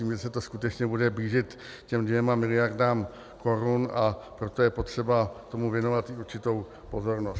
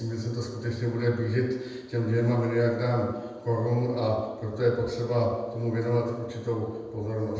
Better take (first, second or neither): first